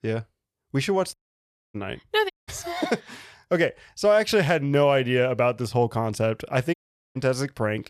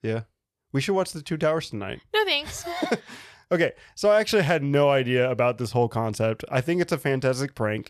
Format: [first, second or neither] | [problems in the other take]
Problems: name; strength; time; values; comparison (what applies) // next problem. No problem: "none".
second | audio cutting out; at 1 s for 0.5 s, at 2.5 s and at 6.5 s